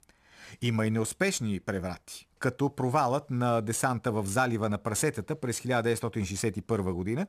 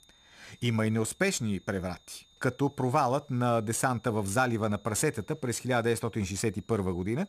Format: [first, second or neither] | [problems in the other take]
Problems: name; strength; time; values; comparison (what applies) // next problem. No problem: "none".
first | high-pitched whine; faint; throughout; 3.5 kHz, 30 dB below the speech